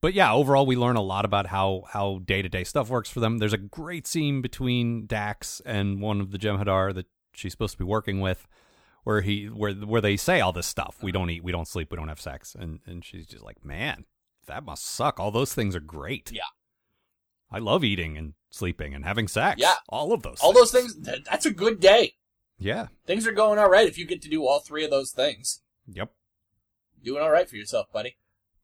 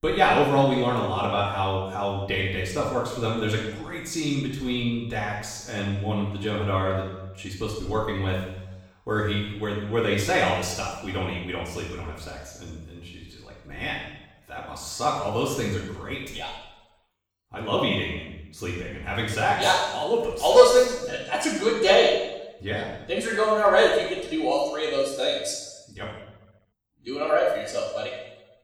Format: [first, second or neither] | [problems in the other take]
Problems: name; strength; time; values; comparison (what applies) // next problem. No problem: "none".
first | room echo; strong; dies away in 0.9 s // off-mic speech; far